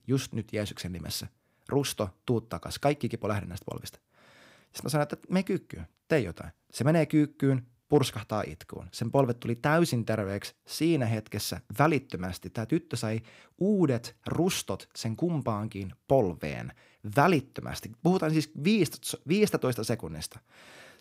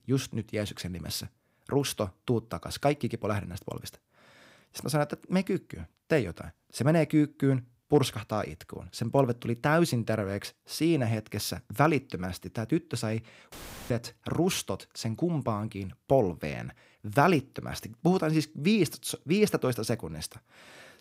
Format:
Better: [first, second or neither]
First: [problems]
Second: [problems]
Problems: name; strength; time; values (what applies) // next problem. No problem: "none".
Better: first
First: none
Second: audio cutting out; filled with static; at 14 s